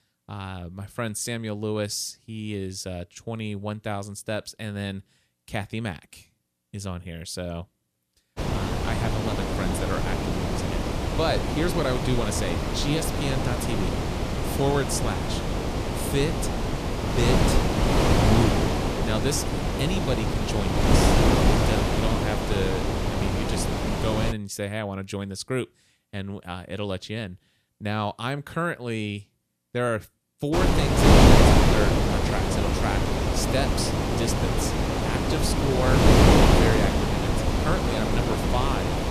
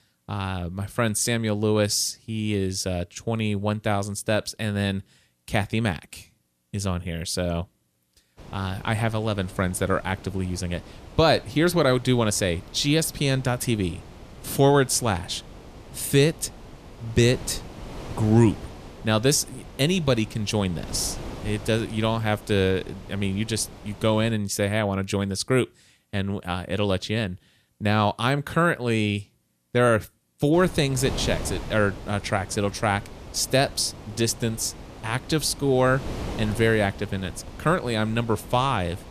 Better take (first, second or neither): second